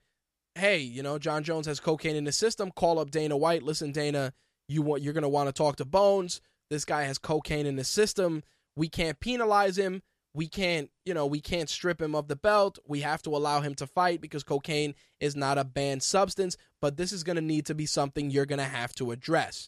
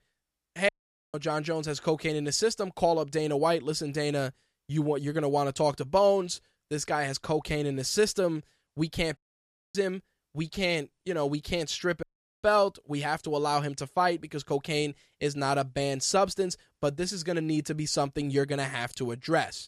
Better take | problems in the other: first | audio cutting out; at 0.5 s, at 9 s for 0.5 s and at 12 s

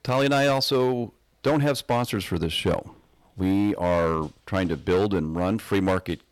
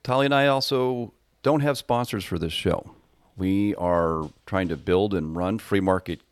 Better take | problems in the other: second | distortion; slight; 8% of the sound clipped

